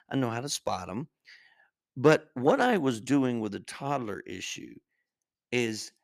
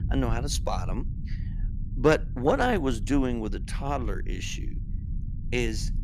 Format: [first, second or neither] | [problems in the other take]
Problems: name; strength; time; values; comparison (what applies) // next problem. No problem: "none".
first | low rumble; faint; throughout; 20 dB below the speech